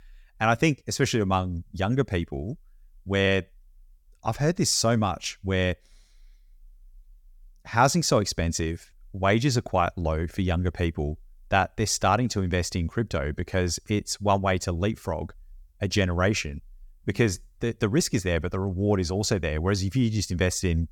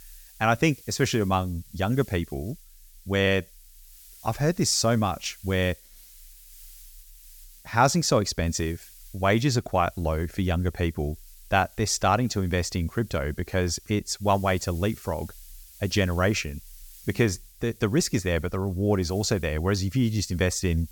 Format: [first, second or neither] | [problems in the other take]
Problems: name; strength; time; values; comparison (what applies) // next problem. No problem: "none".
first | hiss; faint; throughout; 25 dB below the speech